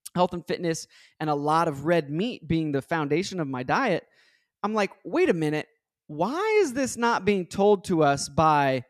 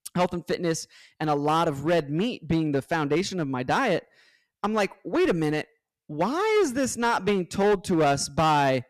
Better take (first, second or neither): first